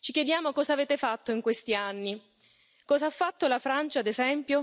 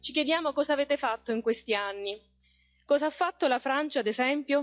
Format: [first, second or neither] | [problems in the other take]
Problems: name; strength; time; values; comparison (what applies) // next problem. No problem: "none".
first | noise reduction (classical method log-MMSE)